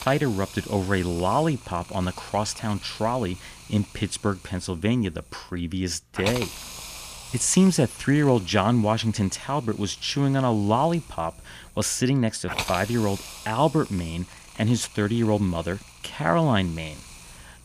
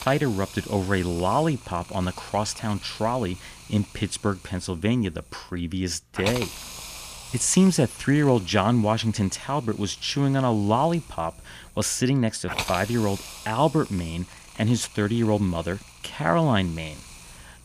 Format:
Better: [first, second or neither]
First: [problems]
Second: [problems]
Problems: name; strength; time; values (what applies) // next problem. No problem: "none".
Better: neither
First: hiss; noticeable; throughout; 15 dB below the speech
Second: hiss; noticeable; throughout; 15 dB below the speech